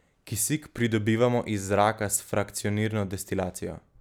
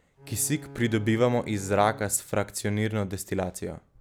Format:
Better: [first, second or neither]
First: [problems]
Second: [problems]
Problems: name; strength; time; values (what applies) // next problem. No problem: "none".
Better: first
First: none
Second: background sound (Bowed string instrument); 17 dB below the speech